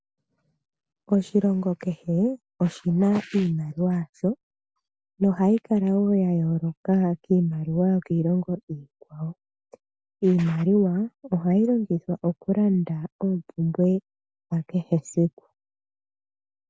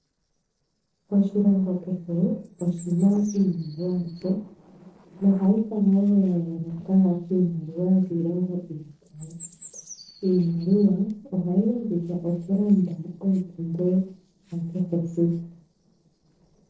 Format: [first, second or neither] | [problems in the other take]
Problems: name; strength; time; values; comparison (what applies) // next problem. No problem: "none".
first | noise reduction (neural separator model SepFormer DNS4)